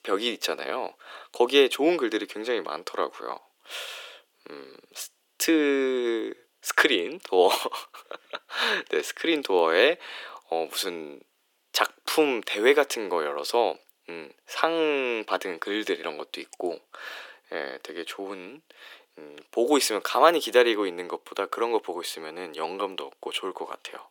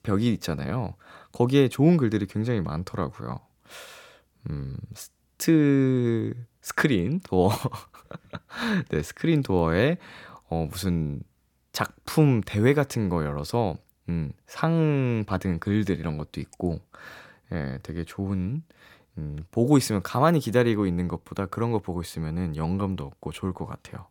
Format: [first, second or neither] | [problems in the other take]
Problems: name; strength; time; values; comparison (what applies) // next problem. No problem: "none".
second | thin; very; fading below 350 Hz